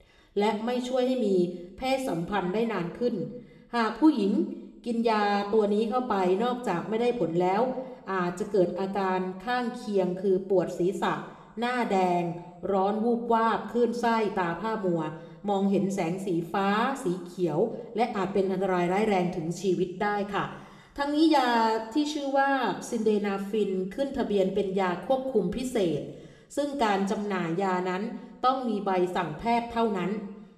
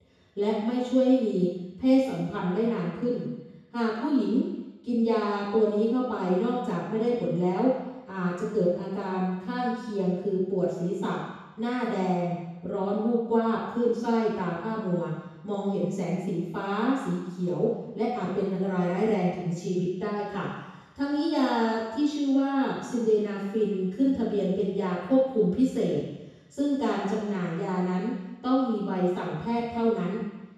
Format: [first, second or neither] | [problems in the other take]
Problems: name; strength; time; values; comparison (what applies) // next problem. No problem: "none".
first | room echo; strong; dies away in 1.1 s; slight in the first // off-mic speech; far